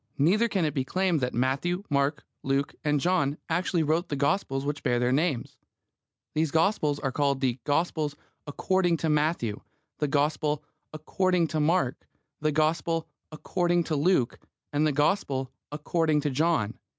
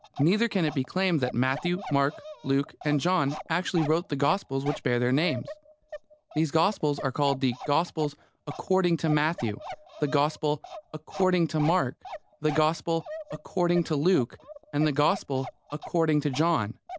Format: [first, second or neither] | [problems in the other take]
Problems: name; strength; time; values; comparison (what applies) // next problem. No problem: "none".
first | background sound (Bark); 15 dB below the speech